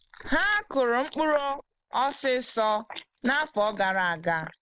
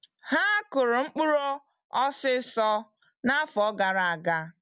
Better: second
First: noise reduction (neural mask model Resemble Enhance denoiser)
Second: none

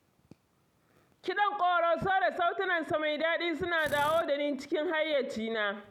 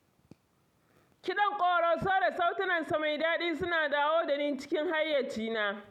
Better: second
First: background sound (Drill); 16 dB below the speech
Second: none

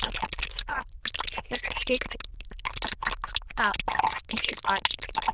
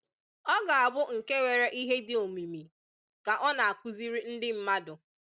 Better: second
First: noise reduction (neural diffusion model UNIVERSE++)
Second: none

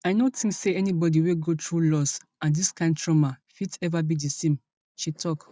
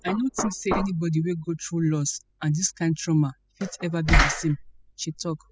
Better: first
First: none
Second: noise reduction (classical method spectral subtraction)

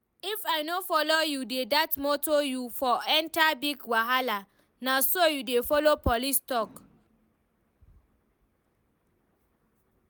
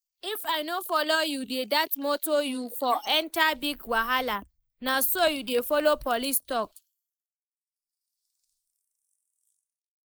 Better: first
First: none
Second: noise reduction (neural mask model Resemble Enhance denoiser)

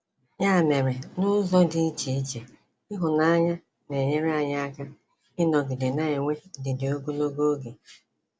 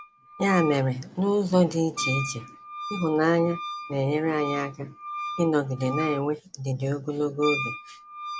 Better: first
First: none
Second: background sound (Wind instrument, woodwind instrument); 10 dB below the speech

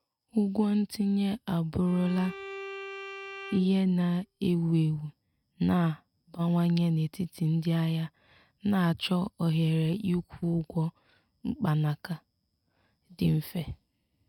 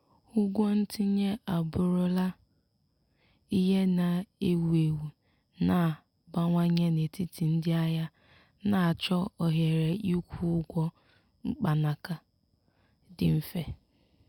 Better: second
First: noise reduction (neural mask model RNNoise)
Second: none

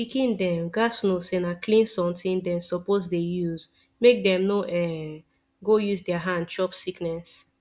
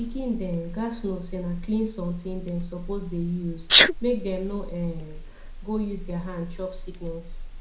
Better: first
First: none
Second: background sound (Sneeze); 1 dB above the speech // room echo; dies away in 0.4 s

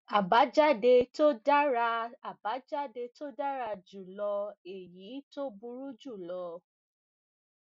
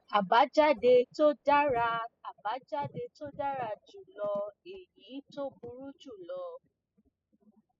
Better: first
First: none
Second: noise reduction (classical method spectral subtraction)

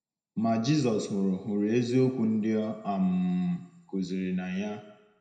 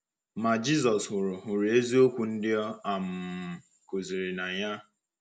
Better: second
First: room echo; dies away in 0.7 s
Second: none

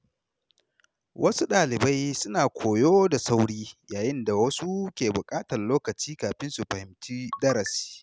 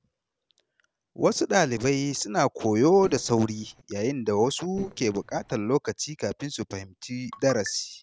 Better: first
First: none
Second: noise reduction (neural separator model SepFormer DNS4)

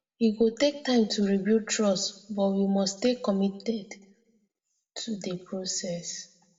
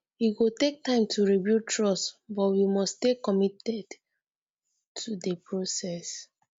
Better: second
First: room echo; dies away in 0.5 s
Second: none

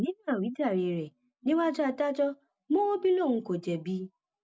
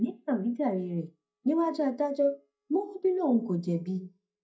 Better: first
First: none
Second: noise reduction (neural mask model DeepFilterNet 3)

